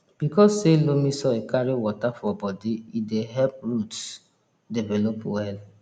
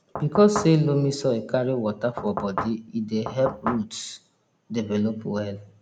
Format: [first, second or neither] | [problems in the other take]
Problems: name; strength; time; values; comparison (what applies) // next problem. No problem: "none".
first | background sound (Knock / Wood); 6 dB below the speech